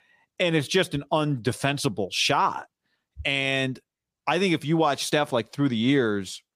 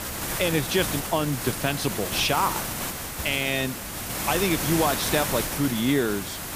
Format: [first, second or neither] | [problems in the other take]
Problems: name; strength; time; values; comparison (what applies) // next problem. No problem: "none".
first | hiss; loud; throughout; 3 dB below the speech